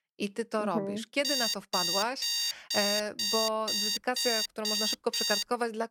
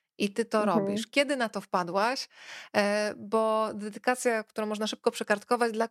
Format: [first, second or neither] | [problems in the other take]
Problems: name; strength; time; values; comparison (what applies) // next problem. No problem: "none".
second | alarm; loud; from 1 s on; peak 5 dB above the speech